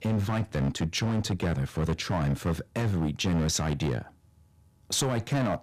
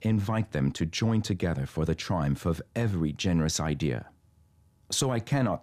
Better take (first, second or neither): second